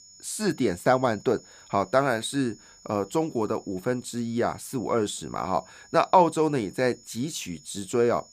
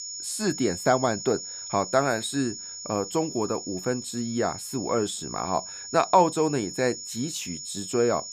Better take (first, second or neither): first